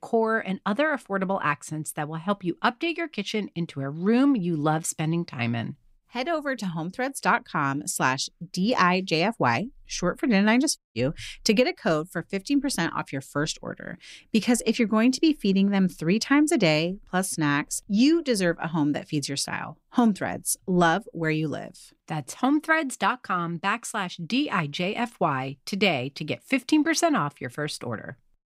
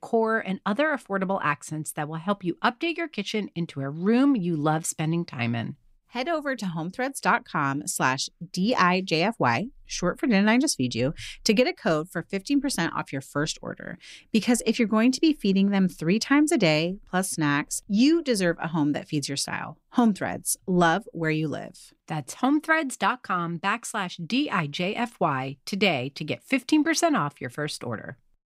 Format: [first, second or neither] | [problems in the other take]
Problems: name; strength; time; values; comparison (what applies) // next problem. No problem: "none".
second | audio cutting out; at 11 s